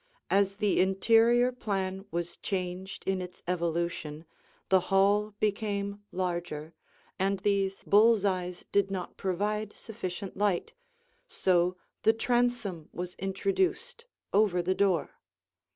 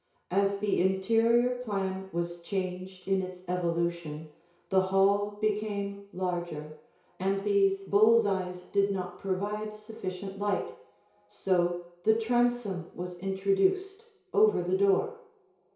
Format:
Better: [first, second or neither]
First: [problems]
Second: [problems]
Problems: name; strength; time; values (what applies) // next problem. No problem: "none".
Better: first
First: none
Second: room echo; dies away in 0.6 s